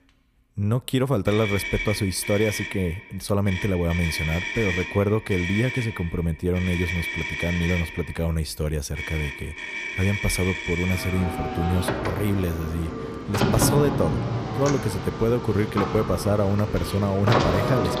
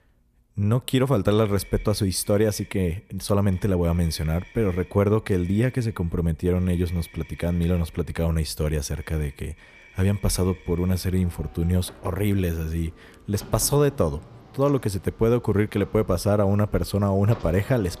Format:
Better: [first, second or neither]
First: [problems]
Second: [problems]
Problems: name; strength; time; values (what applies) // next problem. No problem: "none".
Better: second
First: traffic noise; loud; throughout; 3 dB below the speech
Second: traffic noise; faint; throughout; 25 dB below the speech